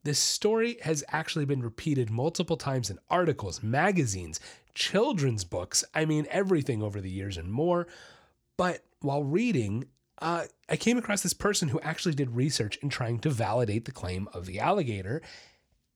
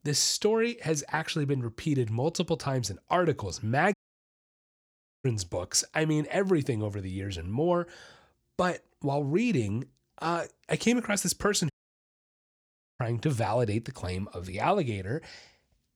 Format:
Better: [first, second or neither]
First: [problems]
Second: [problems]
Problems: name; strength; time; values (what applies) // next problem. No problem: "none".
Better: first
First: none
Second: audio cutting out; at 4 s for 1.5 s and at 12 s for 1.5 s